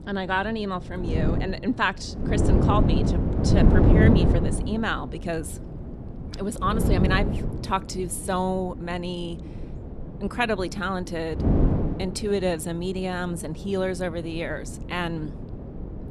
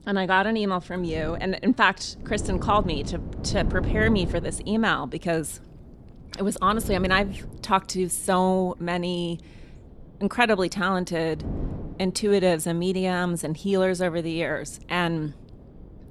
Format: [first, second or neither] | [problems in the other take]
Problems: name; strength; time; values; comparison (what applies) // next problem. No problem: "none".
second | wind noise on the microphone; heavy; 2 dB below the speech; occasional gusts in the second